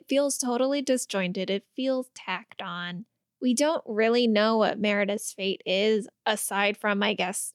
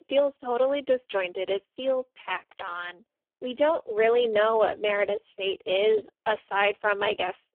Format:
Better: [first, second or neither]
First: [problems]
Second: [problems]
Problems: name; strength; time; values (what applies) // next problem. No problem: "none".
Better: first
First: none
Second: phone-call audio; poor line; nothing above 3.5 kHz